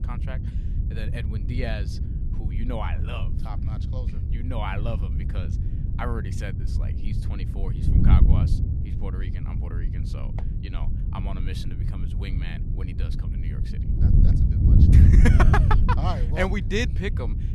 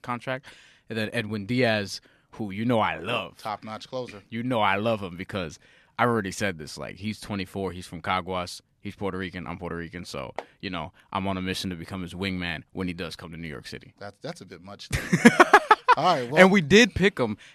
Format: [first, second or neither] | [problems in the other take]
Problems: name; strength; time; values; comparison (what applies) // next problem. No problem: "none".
second | wind noise on the microphone; heavy; 6 dB below the speech